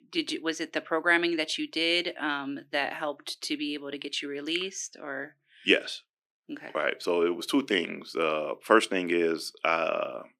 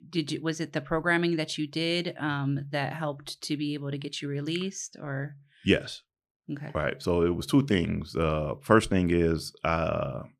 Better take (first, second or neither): second